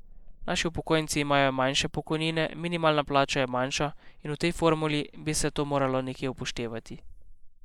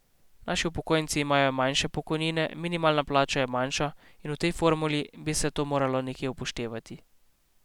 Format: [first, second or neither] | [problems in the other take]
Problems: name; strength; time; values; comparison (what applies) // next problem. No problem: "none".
second | noise reduction (neural mask model Resemble Enhance denoiser)